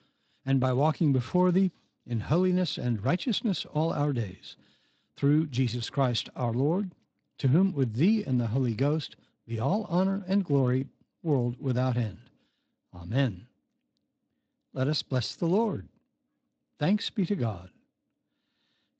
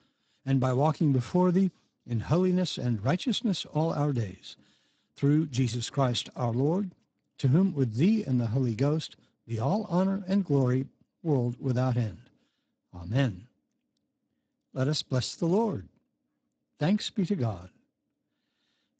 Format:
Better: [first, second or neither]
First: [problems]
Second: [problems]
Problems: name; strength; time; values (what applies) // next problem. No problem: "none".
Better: first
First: garbled, watery; slightly; nothing above 7.5 kHz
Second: garbled, watery; badly; nothing above 8 kHz